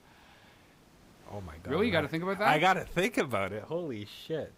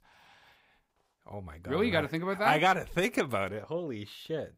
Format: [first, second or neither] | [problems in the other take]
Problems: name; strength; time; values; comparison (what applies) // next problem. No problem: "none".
second | hiss; faint; throughout; 30 dB below the speech